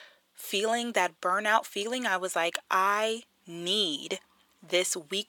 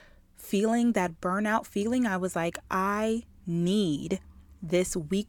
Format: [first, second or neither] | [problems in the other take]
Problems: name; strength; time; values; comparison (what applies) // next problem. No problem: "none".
second | thin; very; fading below 550 Hz